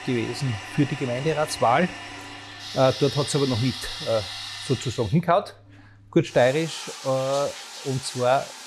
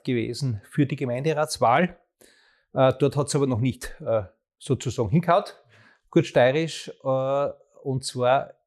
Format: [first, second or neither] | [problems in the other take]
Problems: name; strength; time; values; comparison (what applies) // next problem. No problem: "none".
second | household noises; loud; throughout; 10 dB below the speech